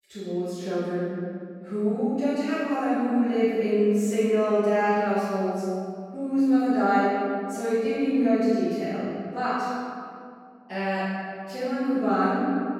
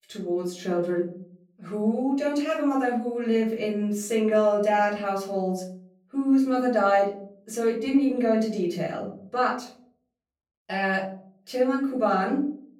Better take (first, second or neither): second